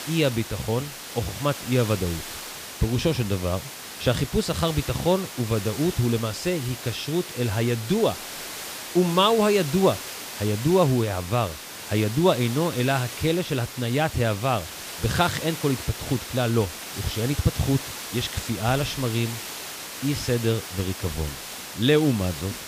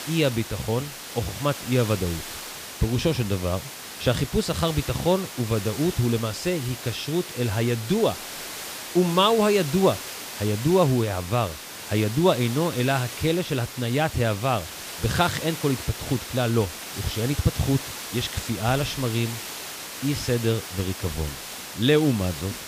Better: neither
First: hiss; loud; throughout; 9 dB below the speech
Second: hiss; loud; throughout; 9 dB below the speech

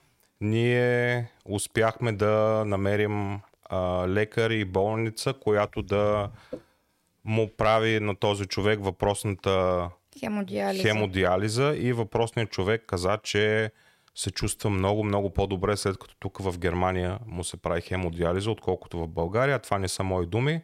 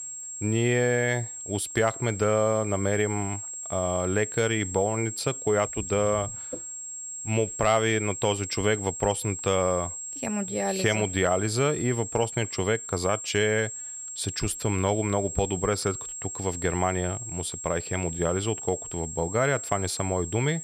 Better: first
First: none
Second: high-pitched whine; loud; throughout; 7.5 kHz, 7 dB below the speech

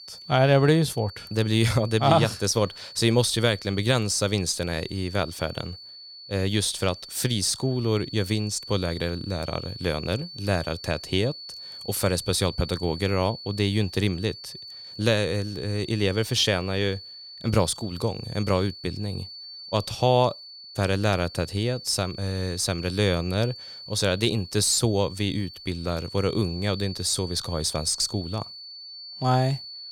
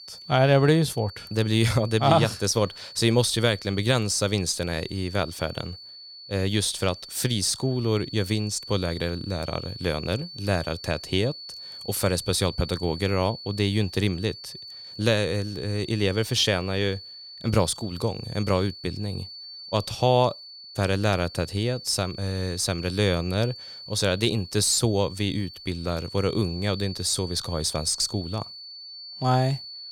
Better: neither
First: high-pitched whine; noticeable; throughout; 4.5 kHz, 15 dB below the speech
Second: high-pitched whine; noticeable; throughout; 4.5 kHz, 15 dB below the speech

